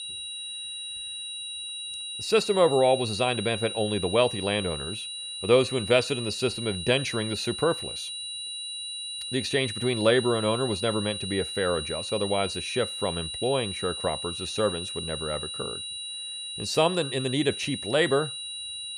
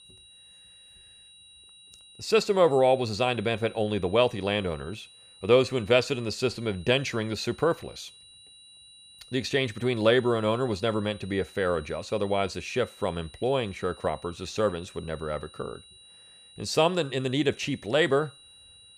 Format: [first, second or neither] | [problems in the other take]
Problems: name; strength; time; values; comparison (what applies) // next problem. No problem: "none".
second | high-pitched whine; loud; throughout; 4 kHz, 6 dB below the speech; faint in the second